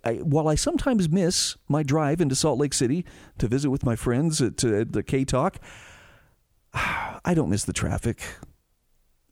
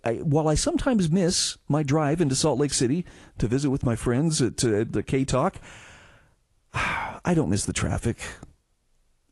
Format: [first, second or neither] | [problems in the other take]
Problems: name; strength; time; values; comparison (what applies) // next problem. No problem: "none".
first | garbled, watery; slightly